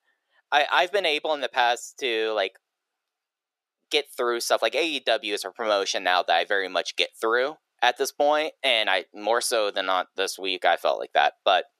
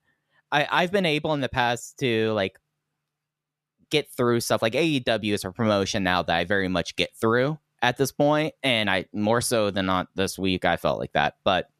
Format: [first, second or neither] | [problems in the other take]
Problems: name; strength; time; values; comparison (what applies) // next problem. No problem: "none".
second | thin; very; fading below 400 Hz